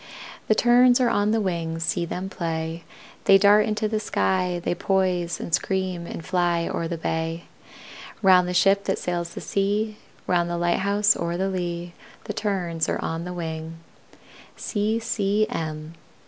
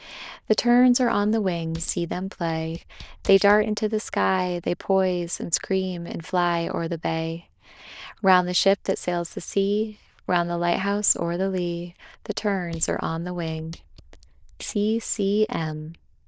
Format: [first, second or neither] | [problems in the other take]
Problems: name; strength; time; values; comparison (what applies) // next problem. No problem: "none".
first | noise reduction (neural diffusion model UNIVERSE++)